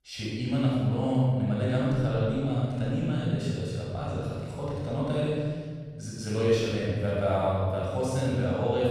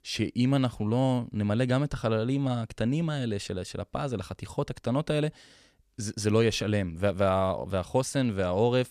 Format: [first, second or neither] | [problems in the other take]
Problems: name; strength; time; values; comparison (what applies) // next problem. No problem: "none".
second | off-mic speech; far // room echo; strong; dies away in 2.1 s